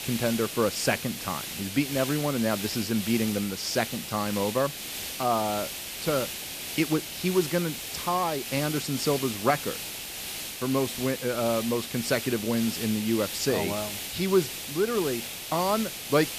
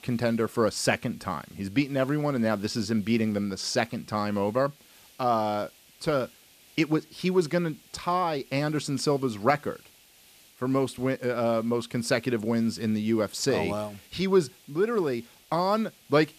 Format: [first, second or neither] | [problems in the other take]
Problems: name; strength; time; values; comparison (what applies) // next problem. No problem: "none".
second | hiss; loud; throughout; 5 dB below the speech; faint in the second